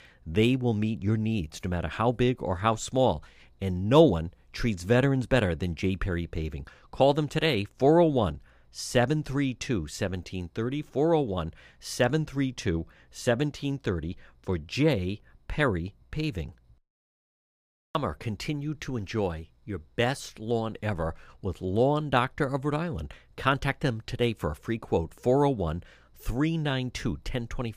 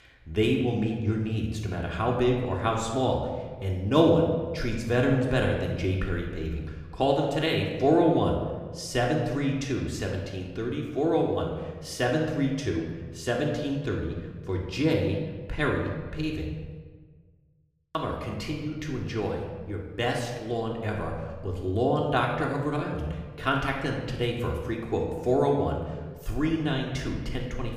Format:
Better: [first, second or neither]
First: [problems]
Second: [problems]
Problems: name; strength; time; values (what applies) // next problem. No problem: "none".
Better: first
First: none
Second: room echo; noticeable; dies away in 1.1 s // off-mic speech; somewhat distant